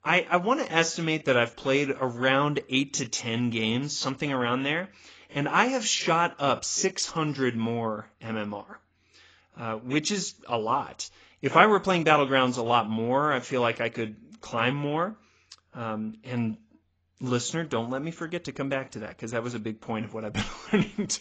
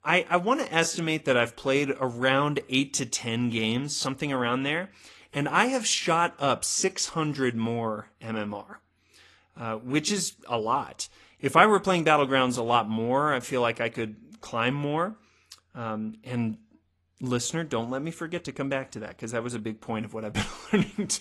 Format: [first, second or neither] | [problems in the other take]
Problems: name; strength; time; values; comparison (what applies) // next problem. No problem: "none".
second | garbled, watery; badly; nothing above 7.5 kHz; slightly in the second